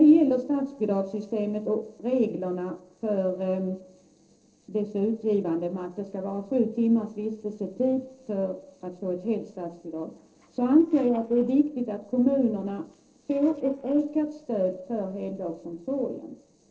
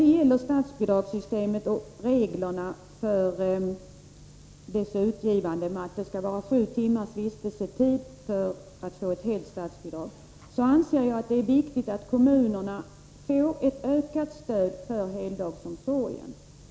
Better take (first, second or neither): second